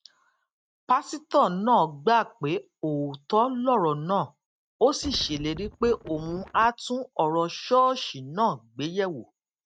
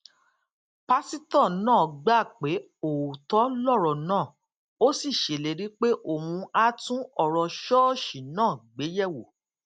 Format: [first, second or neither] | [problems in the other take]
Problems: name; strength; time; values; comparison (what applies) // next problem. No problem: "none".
second | noise reduction (neural mask model RNNoise)